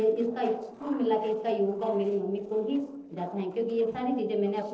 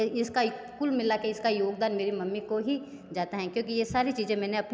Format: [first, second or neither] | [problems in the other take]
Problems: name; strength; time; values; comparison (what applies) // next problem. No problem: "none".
second | noise reduction (neural separator model SepFormer DNS4)